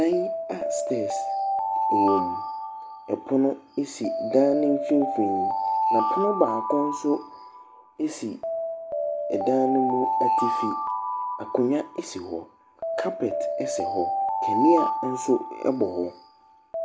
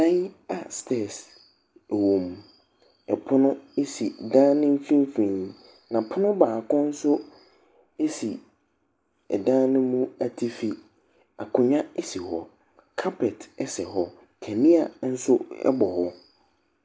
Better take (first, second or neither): second